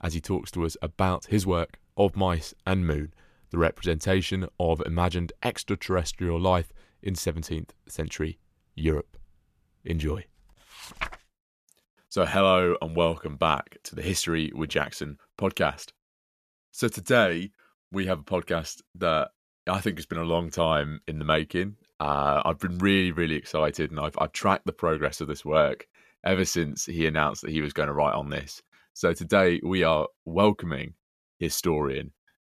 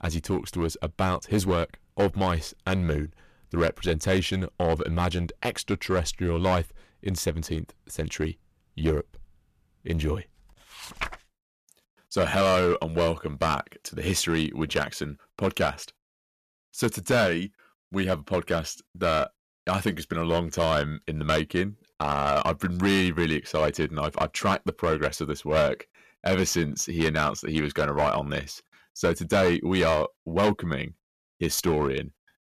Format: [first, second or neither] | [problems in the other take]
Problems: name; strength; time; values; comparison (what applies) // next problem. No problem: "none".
first | distortion; slight; 6% of the sound clipped